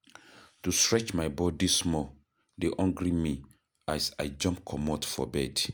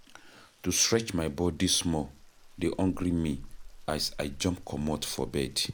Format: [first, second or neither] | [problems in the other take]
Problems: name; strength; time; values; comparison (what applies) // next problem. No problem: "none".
first | background sound (Rain); 17 dB below the speech